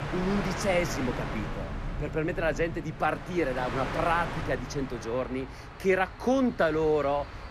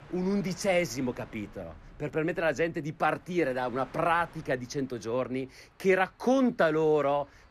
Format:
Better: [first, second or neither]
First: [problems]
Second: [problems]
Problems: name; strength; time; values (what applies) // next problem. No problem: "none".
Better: second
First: train or aircraft noise; loud; throughout; 8 dB below the speech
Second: train or aircraft noise; faint; throughout; 25 dB below the speech